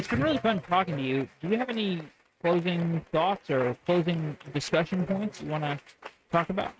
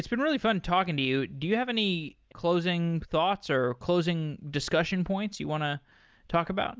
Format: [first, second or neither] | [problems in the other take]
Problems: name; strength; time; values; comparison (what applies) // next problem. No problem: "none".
second | noise reduction (neural mask model RNNoise)